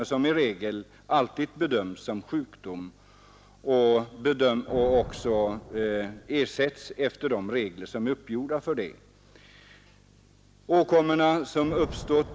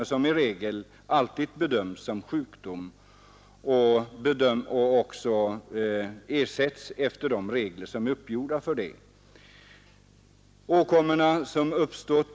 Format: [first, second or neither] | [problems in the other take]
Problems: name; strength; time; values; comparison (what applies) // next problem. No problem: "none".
second | background sound (Thunder); 19 dB below the speech